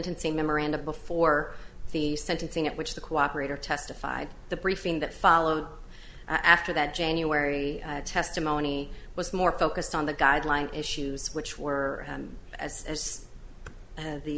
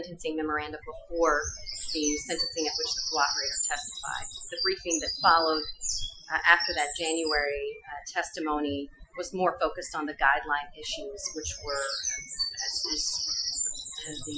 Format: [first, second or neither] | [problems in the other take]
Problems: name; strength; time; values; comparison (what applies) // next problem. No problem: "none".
first | noise reduction (classical method Wiener filter)